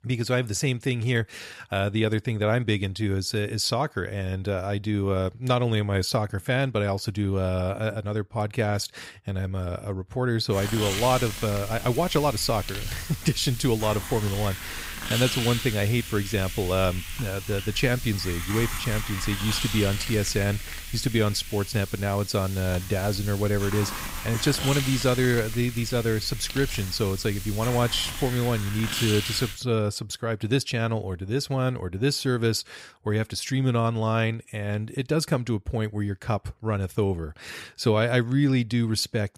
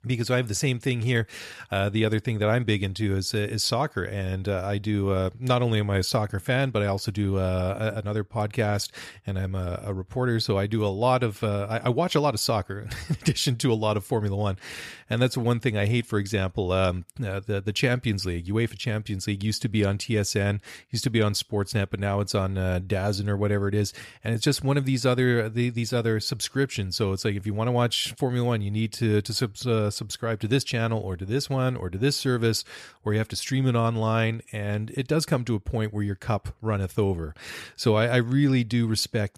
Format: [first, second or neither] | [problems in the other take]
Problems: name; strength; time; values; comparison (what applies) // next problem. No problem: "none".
second | hiss; loud; from 11 to 30 s; 7 dB below the speech